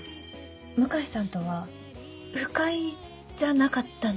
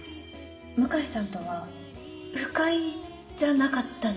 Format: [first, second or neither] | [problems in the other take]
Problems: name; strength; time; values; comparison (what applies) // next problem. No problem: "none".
first | room echo; dies away in 1.1 s